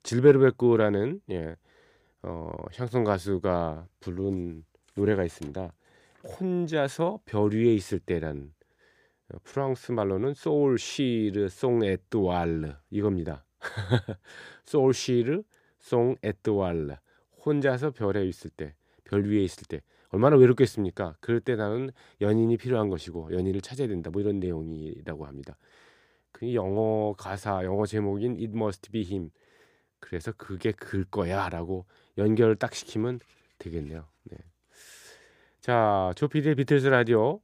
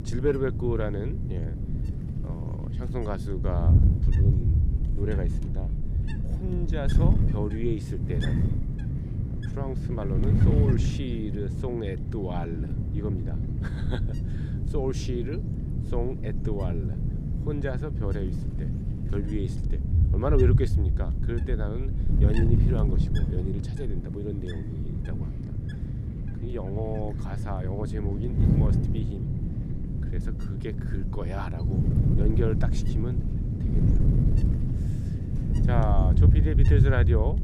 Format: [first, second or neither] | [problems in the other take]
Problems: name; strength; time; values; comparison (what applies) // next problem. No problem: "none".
first | wind noise on the microphone; heavy; 3 dB below the speech